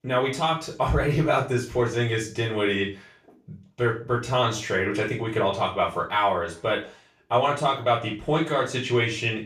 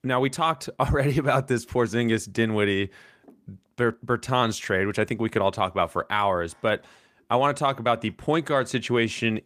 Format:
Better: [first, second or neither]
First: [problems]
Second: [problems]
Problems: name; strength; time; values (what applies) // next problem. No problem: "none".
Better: second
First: room echo; slight; dies away in 0.3 s // off-mic speech; far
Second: none